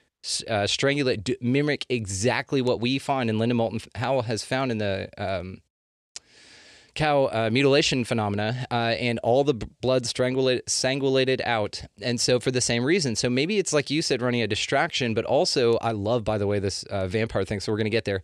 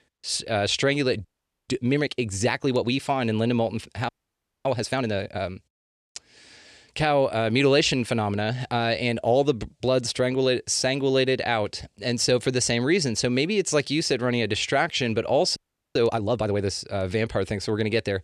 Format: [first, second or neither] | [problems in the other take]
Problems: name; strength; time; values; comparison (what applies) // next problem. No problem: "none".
first | audio freezing; at 1.5 s, at 4 s for 0.5 s and at 16 s